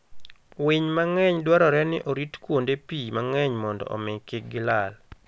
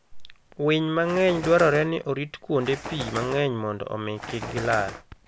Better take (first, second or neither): first